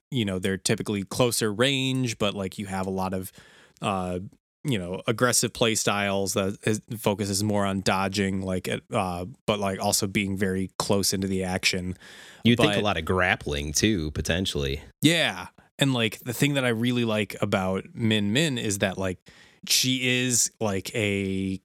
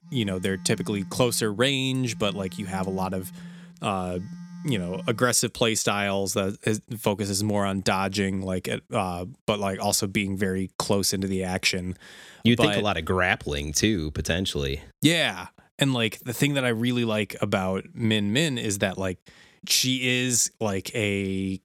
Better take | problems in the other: first | phone ringing; faint; until 5 s; peak 10 dB below the speech

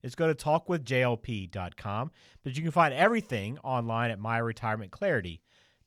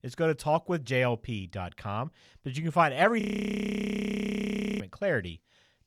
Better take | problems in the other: first | audio freezing; at 3 s for 1.5 s

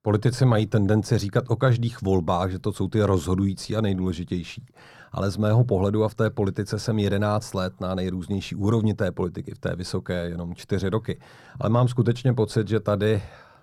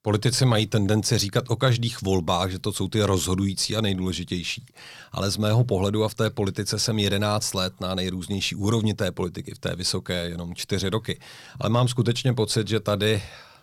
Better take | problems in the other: second | muffled; slightly; fading above 1.5 kHz

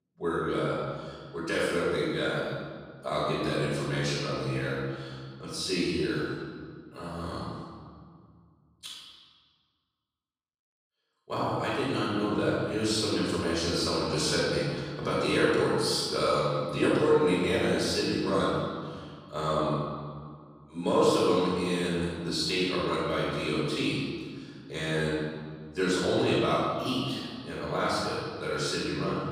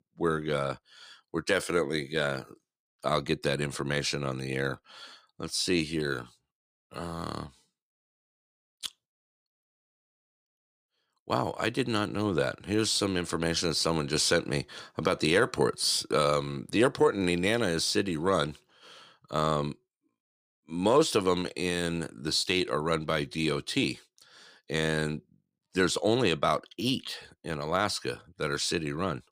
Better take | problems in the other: second | room echo; strong; dies away in 1.8 s // off-mic speech; far

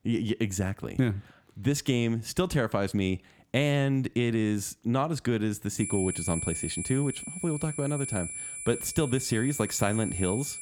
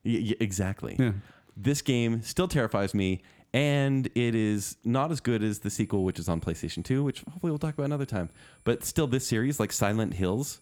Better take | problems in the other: second | high-pitched whine; loud; from 6 s on; 10 kHz, 6 dB below the speech; faint in the second

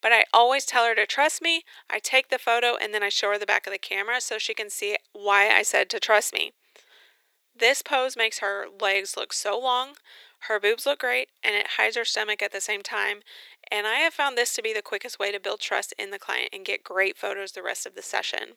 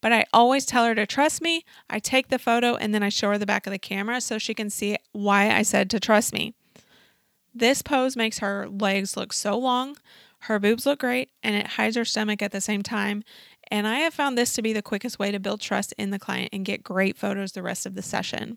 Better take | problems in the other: second | thin; very; fading below 350 Hz

